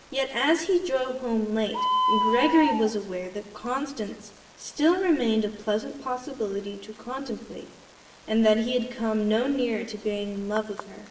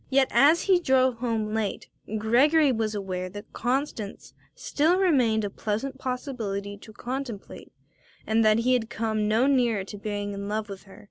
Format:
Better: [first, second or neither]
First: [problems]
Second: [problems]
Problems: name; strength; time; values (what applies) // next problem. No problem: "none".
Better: second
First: background sound (Bird); 8 dB below the speech // room echo; dies away in 0.9 s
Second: none